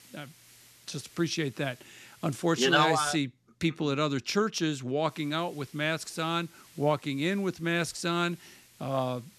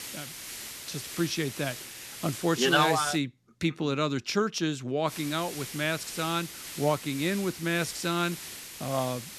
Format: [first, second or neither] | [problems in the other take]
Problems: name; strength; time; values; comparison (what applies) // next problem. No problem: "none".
first | hiss; loud; until 3 s and from 5 s on; 10 dB below the speech; faint in the first